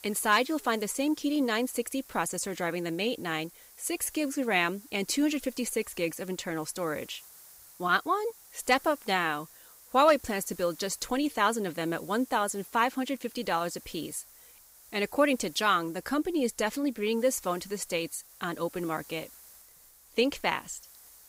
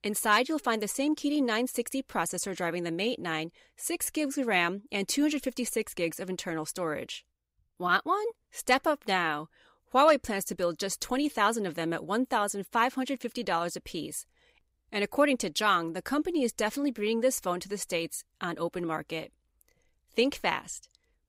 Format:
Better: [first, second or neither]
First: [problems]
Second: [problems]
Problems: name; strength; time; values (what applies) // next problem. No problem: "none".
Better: second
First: hiss; faint; throughout; 20 dB below the speech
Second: none